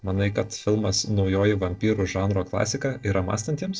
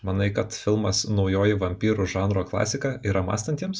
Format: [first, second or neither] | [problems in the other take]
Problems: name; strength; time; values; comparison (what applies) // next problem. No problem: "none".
second | noise reduction (neural separator model SepFormer DNS4)